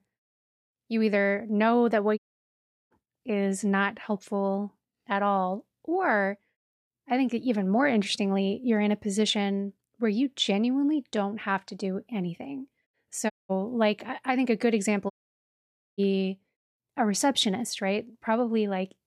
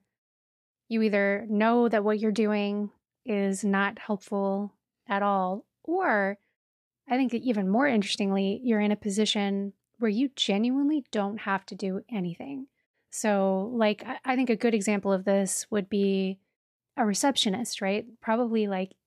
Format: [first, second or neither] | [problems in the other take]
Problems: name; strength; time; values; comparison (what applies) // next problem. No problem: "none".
second | audio cutting out; at 2 s for 0.5 s, at 13 s and at 15 s for 1 s